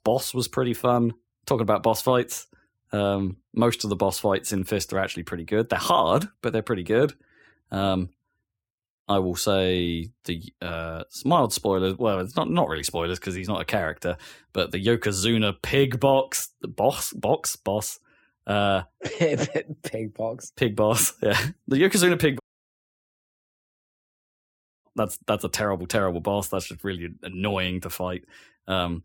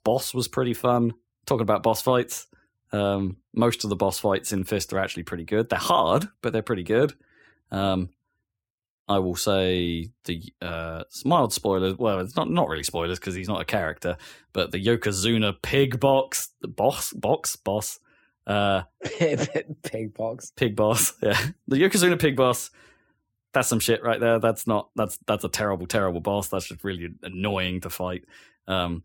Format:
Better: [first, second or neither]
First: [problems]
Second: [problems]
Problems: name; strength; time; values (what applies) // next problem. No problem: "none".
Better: second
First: audio cutting out; at 22 s for 2.5 s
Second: none